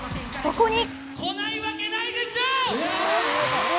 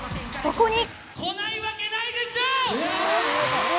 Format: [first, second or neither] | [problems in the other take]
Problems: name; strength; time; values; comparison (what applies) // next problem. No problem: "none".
second | background sound (Squeak); 15 dB below the speech